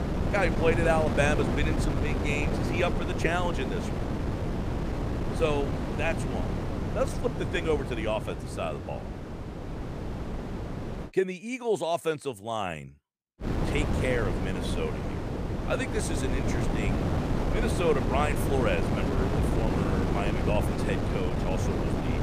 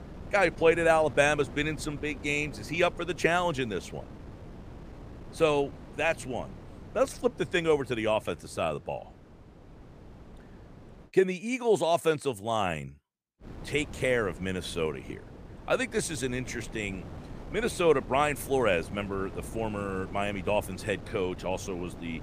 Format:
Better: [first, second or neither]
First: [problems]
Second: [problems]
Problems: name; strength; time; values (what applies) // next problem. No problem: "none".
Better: second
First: wind noise on the microphone; heavy; until 11 s and from 13 s on; 4 dB below the speech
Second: wind noise on the microphone; occasional gusts; until 11 s and from 13 s on; 20 dB below the speech